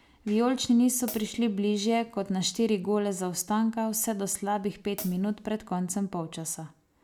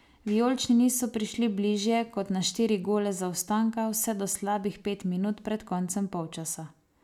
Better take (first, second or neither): second